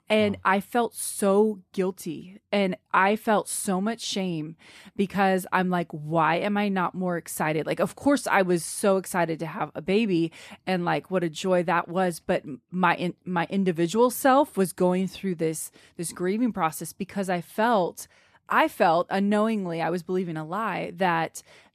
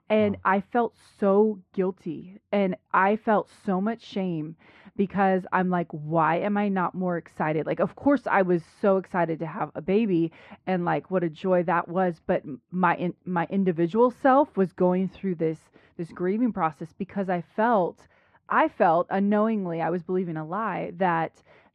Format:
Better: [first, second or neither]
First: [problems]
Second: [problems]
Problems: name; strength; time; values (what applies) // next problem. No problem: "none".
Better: first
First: none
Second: muffled; very; fading above 2 kHz